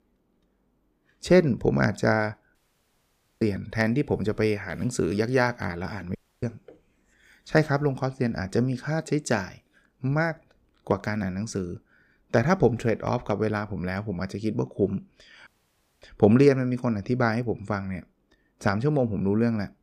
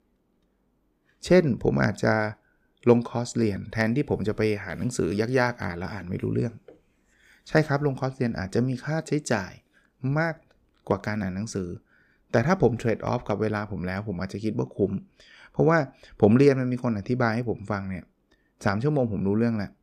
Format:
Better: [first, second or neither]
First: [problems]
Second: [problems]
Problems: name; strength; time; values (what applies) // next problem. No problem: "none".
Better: second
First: audio cutting out; at 2.5 s for 1 s, at 6 s and at 15 s for 0.5 s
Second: none